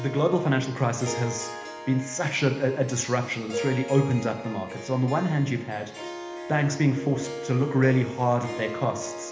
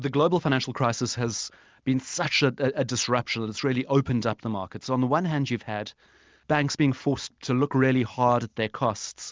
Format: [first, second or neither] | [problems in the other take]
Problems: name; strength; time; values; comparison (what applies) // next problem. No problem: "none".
second | background sound (Harp); 11 dB below the speech // room echo; dies away in 1 s